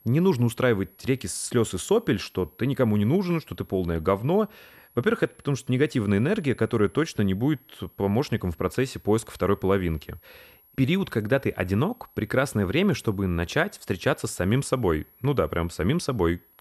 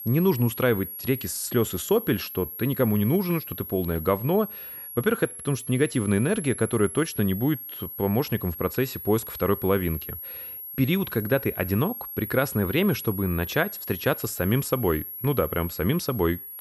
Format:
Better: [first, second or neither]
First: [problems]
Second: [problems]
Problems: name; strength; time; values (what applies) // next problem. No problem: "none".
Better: first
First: high-pitched whine; faint; throughout; 11.5 kHz, 30 dB below the speech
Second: high-pitched whine; loud; throughout; 11.5 kHz, 9 dB below the speech